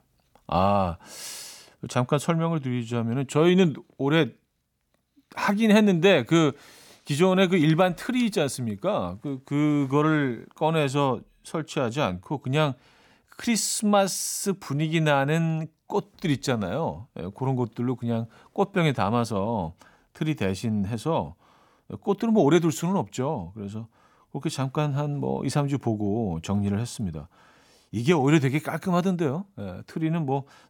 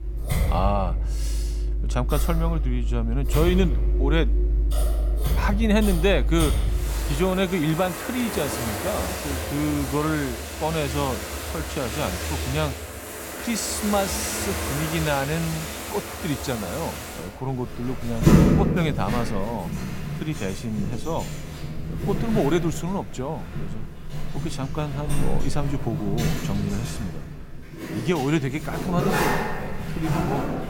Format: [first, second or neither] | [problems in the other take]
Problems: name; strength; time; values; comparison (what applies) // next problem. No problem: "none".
first | household noises; loud; throughout; as loud as the speech